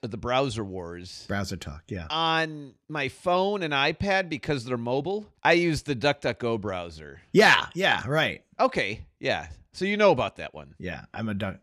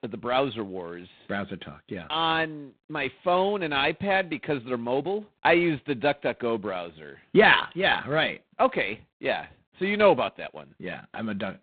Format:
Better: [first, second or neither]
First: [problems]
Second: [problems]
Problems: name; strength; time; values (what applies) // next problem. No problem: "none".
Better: first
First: none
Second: phone-call audio; poor line; nothing above 4 kHz